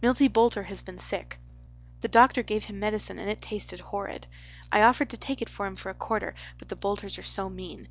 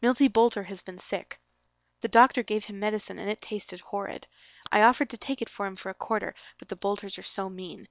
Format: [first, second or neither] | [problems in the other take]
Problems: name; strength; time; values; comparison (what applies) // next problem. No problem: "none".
first | noise reduction (neural separator model SepFormer WHAM!)